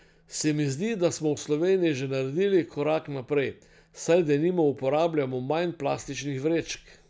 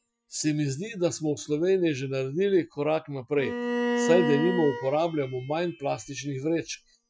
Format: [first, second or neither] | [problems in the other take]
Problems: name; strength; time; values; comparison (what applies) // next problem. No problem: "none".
first | noise reduction (classical method Wiener filter)